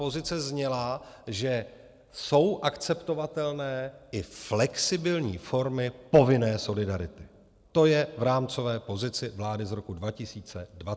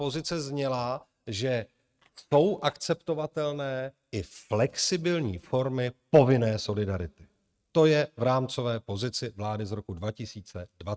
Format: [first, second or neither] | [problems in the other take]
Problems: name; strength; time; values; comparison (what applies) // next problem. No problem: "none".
first | noise reduction (neural mask model RNNoise)